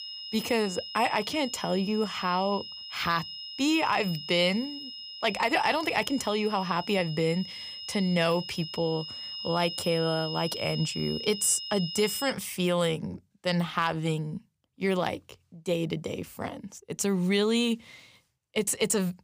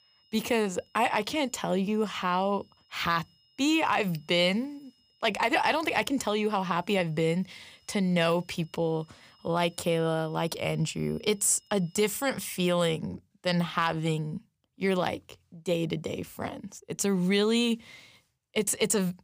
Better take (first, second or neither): second